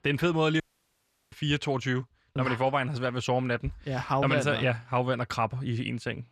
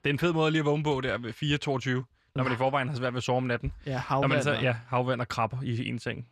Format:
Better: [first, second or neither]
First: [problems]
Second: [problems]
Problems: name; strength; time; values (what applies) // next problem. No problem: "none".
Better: second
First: audio cutting out; at 0.5 s for 0.5 s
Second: none